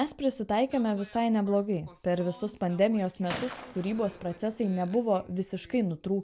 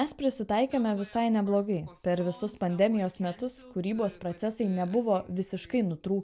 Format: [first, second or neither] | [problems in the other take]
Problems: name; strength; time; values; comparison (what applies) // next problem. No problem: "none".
second | background sound (Gunshot, gunfire); 16 dB below the speech